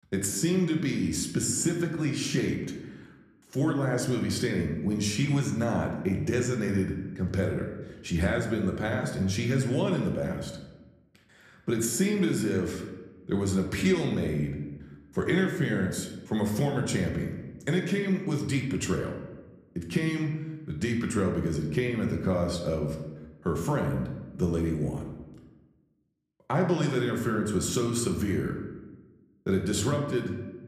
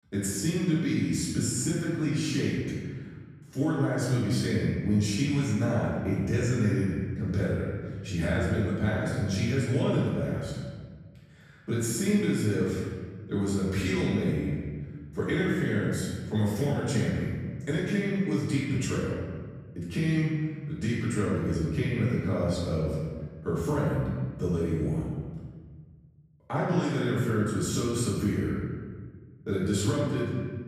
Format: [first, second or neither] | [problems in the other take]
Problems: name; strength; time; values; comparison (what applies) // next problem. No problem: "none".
first | room echo; strong; dies away in 1.6 s; slight in the first // off-mic speech; far